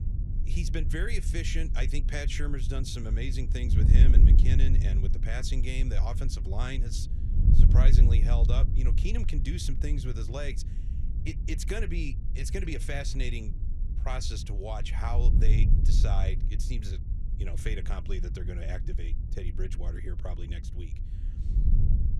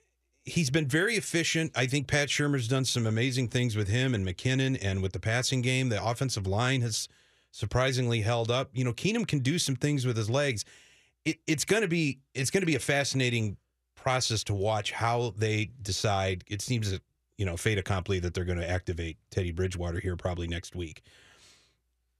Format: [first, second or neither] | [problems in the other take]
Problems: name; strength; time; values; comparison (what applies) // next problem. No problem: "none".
second | wind noise on the microphone; heavy; 6 dB below the speech